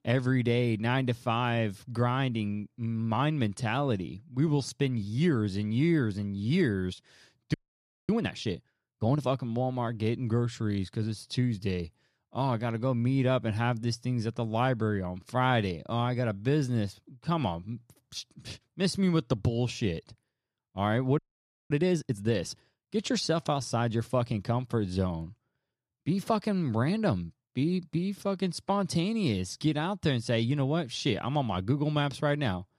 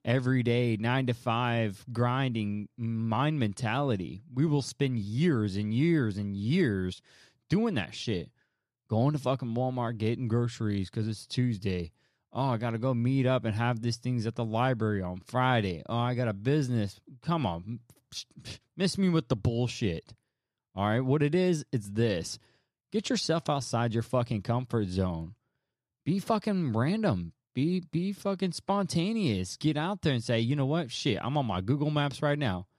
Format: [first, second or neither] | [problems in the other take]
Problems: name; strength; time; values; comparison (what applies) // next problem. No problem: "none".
second | audio freezing; at 7.5 s for 0.5 s and at 21 s for 0.5 s